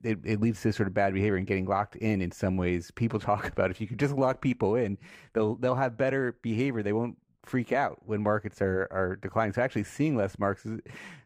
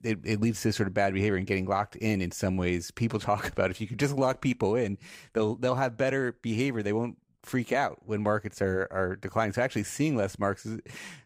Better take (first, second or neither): second